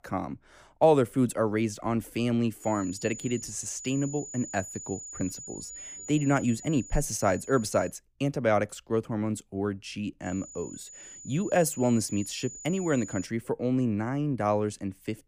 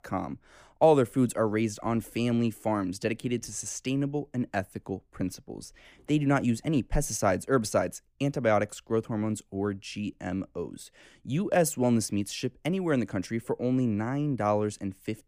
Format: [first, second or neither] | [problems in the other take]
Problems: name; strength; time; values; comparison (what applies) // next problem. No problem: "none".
second | high-pitched whine; noticeable; from 2.5 to 8 s and from 10 to 13 s; 7 kHz, 15 dB below the speech